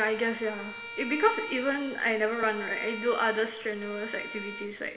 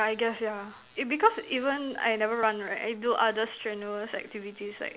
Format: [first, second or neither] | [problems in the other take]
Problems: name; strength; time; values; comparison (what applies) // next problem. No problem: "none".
second | background sound (Bowed string instrument); 12 dB below the speech // room echo; dies away in 2.8 s